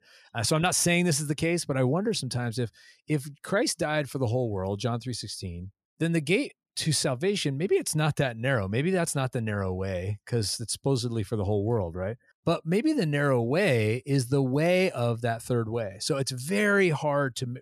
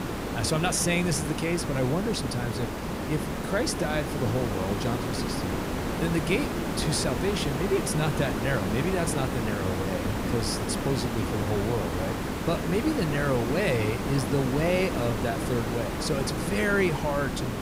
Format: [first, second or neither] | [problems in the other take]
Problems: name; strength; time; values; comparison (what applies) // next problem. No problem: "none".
first | hiss; loud; throughout; 2 dB below the speech